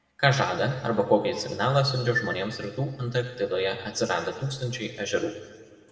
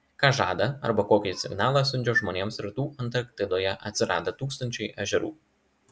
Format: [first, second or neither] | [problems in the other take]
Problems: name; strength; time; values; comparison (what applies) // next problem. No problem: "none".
second | room echo; dies away in 1.4 s